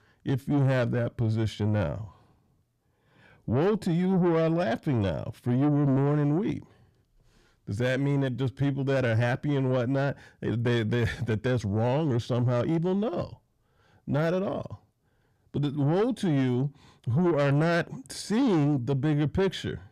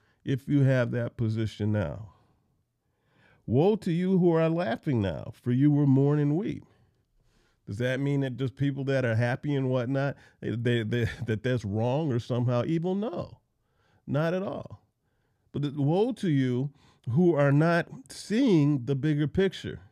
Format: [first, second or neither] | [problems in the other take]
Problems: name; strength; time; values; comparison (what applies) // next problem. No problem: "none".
second | distortion; slight; 10 dB below the speech